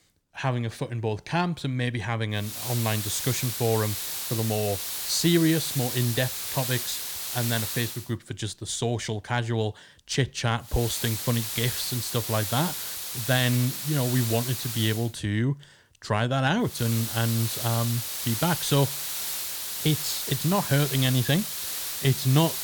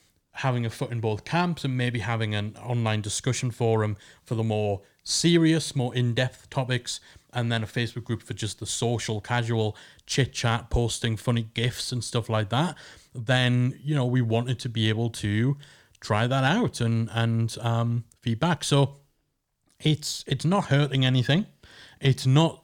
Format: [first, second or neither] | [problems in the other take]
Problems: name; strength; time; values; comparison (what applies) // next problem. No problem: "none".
second | hiss; loud; from 2.5 to 8 s, from 11 to 15 s and from 17 s on; 3 dB below the speech